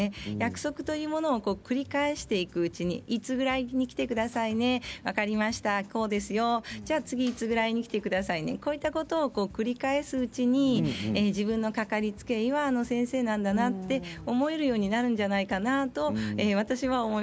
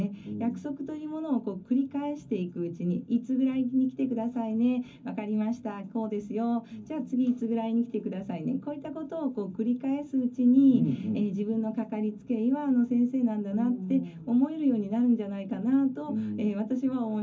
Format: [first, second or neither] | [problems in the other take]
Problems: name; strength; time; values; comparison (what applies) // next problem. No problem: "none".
first | room echo; dies away in 0.3 s